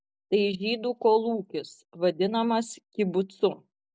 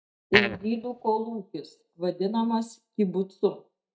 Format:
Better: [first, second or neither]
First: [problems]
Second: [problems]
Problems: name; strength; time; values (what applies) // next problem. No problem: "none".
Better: first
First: none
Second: noise reduction (neural mask model DeepFilterNet 3)